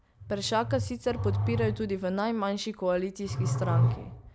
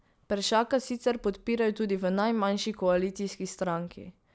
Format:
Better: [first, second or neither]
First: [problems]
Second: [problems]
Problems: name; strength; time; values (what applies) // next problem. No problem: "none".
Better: second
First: background sound (Growling); 1 dB below the speech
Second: none